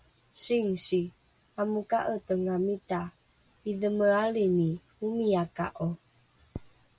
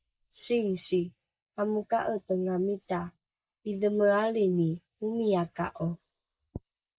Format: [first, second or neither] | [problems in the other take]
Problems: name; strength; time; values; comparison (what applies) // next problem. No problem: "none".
first | noise reduction (neural mask model Resemble Enhance denoiser)